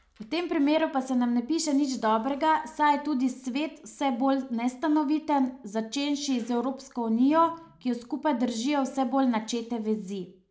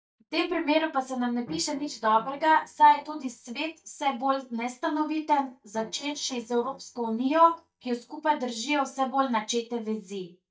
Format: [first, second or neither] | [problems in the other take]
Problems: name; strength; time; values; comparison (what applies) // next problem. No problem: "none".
first | noise reduction (neural mask model DeepFilterNet 3)